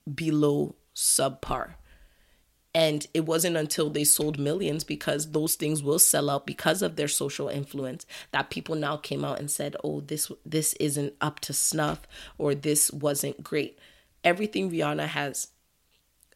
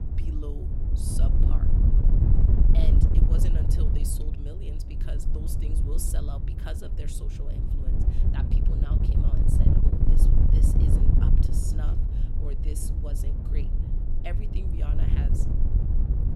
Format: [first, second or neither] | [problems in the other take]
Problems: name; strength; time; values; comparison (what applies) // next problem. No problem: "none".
first | wind noise on the microphone; heavy; 4 dB above the speech